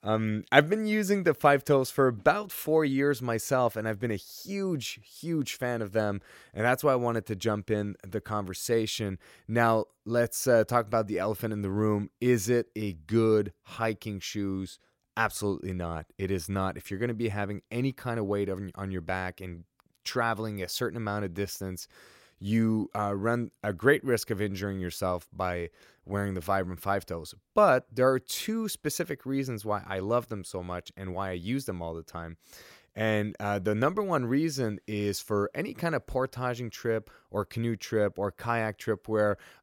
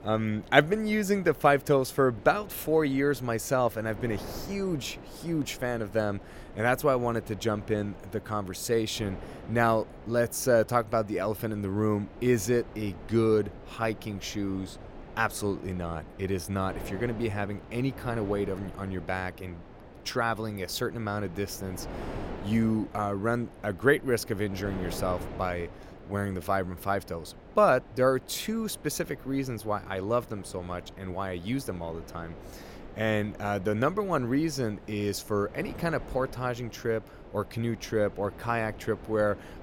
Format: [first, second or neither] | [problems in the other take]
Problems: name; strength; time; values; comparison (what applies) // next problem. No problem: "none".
first | wind noise on the microphone; occasional gusts; 20 dB below the speech